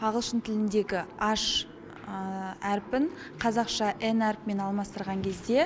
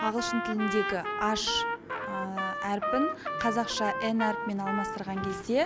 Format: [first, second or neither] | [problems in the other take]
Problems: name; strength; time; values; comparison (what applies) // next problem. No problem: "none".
first | background sound (Trumpet); 3 dB below the speech